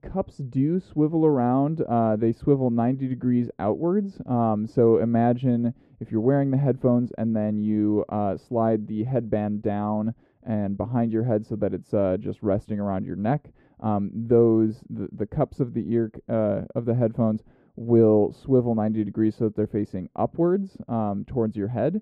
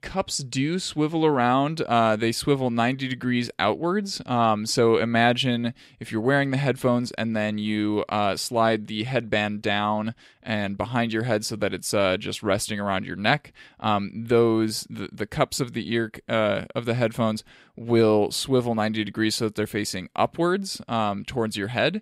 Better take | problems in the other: second | muffled; very; fading above 1.5 kHz

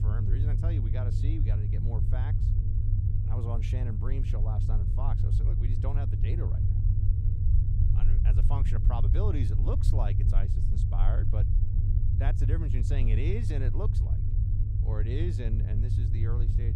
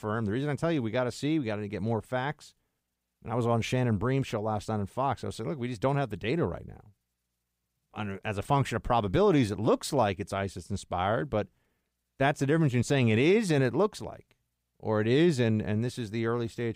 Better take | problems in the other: second | low rumble; loud; throughout; 1 dB below the speech

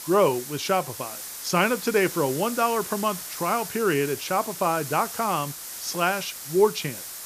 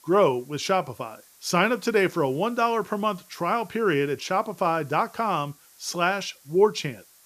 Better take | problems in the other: second | hiss; loud; throughout; 9 dB below the speech; faint in the second

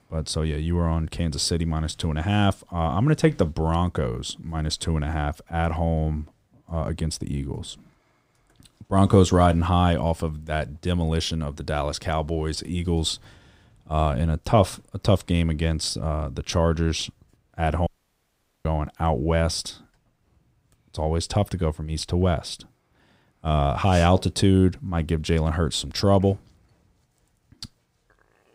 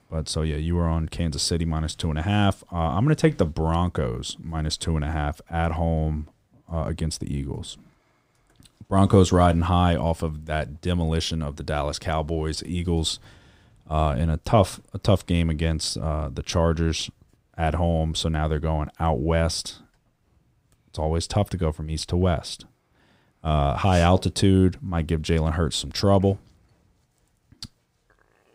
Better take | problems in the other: second | audio cutting out; at 18 s for 1 s

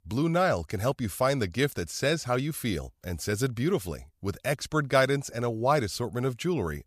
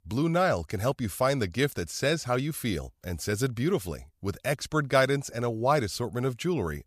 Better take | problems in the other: neither | none

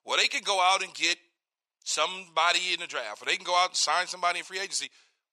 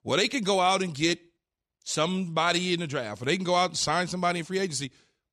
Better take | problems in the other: second | thin; very; fading below 800 Hz

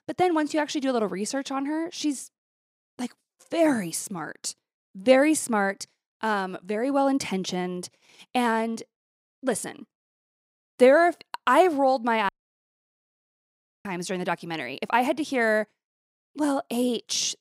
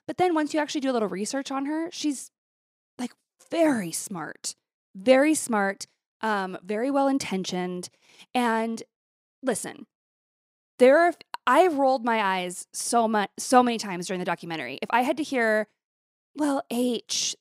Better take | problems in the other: second | audio cutting out; at 12 s for 1.5 s

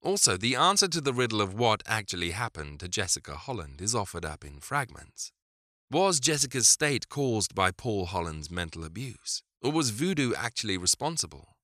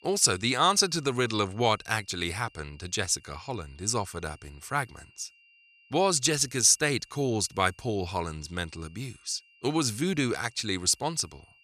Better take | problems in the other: first | high-pitched whine; faint; throughout; 3 kHz, 30 dB below the speech

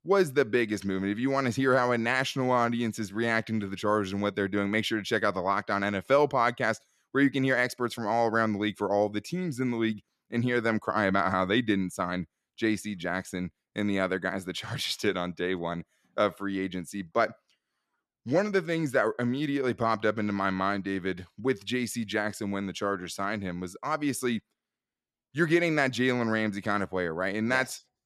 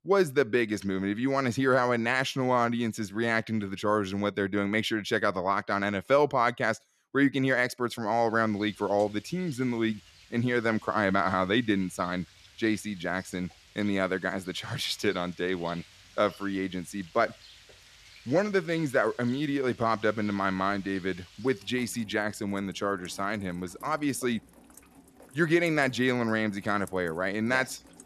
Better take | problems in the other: first | rain or running water; faint; from 8.5 s on; 25 dB below the speech

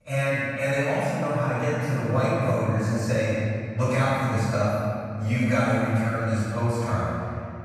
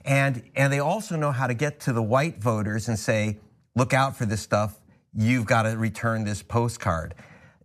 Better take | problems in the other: second | room echo; strong; dies away in 2.4 s // off-mic speech; far

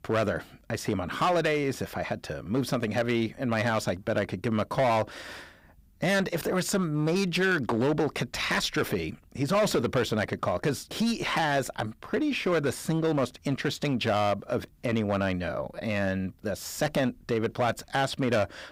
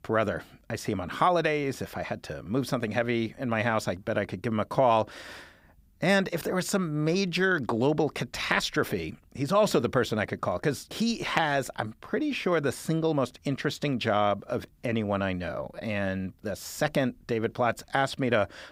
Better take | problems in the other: second | distortion; slight; 7% of the sound clipped

